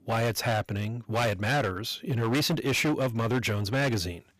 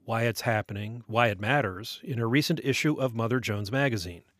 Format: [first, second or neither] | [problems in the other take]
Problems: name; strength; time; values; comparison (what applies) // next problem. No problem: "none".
second | distortion; heavy; 18% of the sound clipped